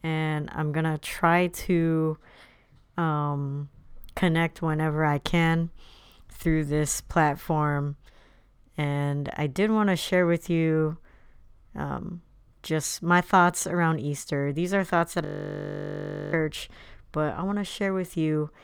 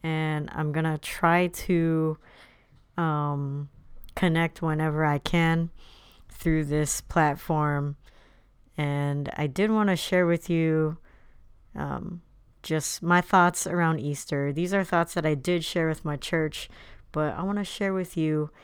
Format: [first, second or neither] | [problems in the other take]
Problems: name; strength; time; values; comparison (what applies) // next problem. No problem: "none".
second | audio freezing; at 15 s for 1 s